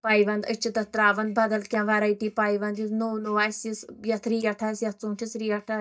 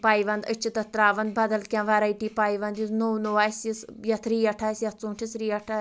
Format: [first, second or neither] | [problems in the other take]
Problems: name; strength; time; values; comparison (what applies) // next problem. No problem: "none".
second | noise reduction (neural mask model DeepFilterNet 3)